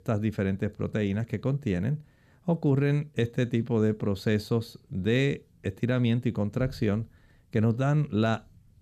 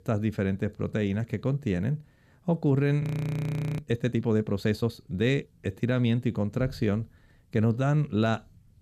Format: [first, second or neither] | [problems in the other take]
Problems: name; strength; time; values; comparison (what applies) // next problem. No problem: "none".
first | audio freezing; at 3 s for 1 s